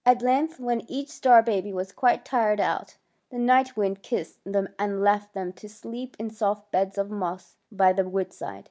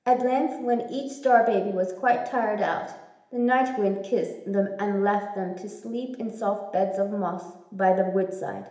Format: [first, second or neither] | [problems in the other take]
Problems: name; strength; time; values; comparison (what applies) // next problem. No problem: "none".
first | room echo; dies away in 0.8 s